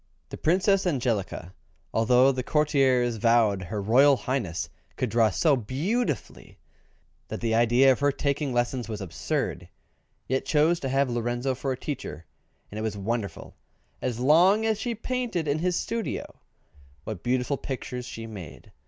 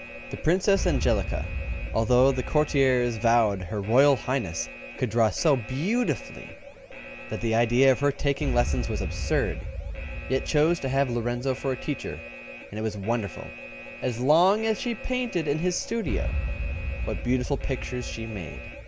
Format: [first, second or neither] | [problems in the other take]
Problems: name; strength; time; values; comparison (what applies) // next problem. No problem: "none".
first | background sound (Alarm); 7 dB below the speech